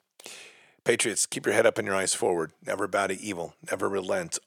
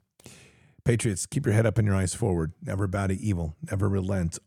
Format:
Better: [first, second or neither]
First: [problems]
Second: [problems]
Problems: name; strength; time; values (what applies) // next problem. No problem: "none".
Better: second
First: thin; very; fading below 500 Hz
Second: none